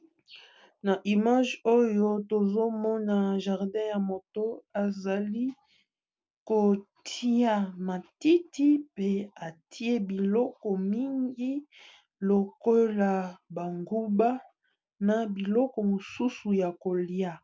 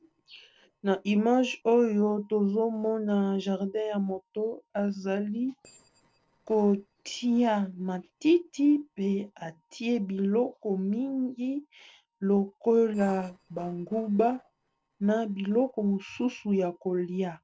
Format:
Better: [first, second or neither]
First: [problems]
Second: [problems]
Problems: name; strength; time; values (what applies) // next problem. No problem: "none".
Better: first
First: none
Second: noise reduction (neural separator model SepFormer DNS4)